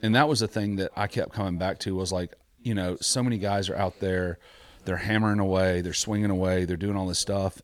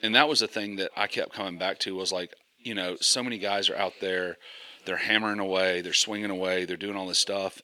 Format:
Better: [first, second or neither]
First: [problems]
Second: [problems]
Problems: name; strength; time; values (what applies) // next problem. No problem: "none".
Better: first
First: none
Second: thin; somewhat; fading below 350 Hz